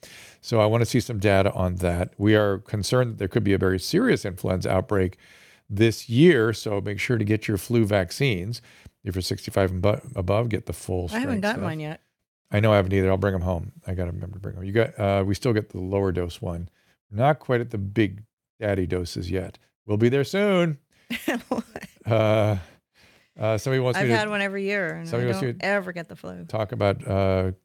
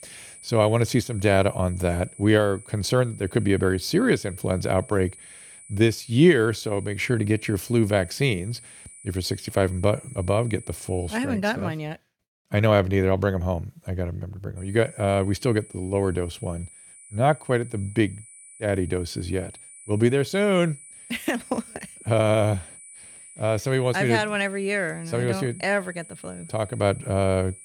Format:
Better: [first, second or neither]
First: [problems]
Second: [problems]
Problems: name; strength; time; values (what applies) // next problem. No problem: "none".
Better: first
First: none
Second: high-pitched whine; noticeable; until 11 s and from 15 s on; 9.5 kHz, 20 dB below the speech